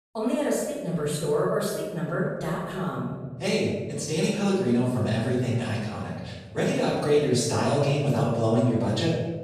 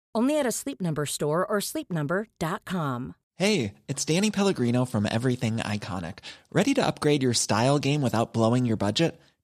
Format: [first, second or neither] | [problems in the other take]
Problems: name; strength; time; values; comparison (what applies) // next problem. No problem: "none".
second | off-mic speech; far // room echo; noticeable; dies away in 1.4 s